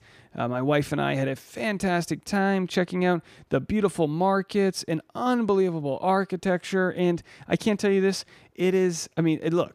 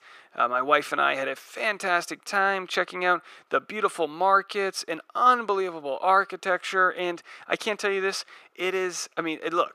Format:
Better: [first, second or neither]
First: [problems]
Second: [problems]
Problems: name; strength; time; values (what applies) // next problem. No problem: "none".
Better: first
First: none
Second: thin; very; fading below 550 Hz